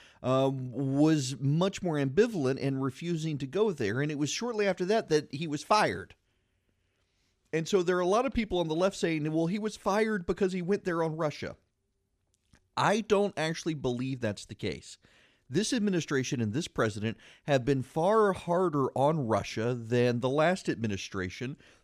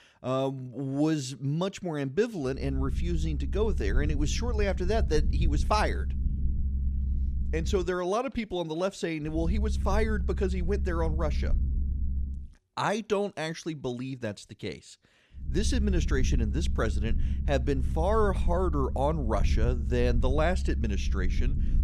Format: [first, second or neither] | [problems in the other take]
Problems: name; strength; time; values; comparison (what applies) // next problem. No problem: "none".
first | low rumble; noticeable; from 2.5 to 8 s, from 9.5 to 12 s and from 16 s on; 15 dB below the speech